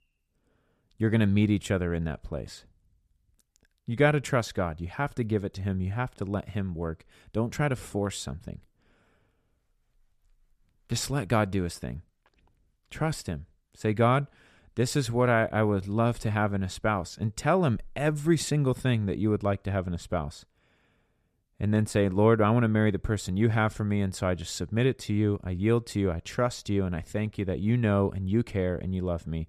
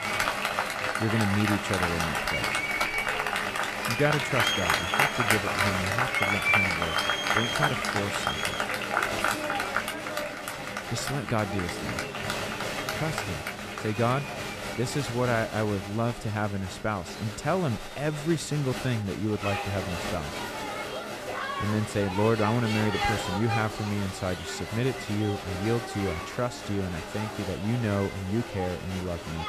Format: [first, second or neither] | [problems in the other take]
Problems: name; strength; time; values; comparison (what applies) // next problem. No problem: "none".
first | crowd noise; very loud; throughout; 1 dB above the speech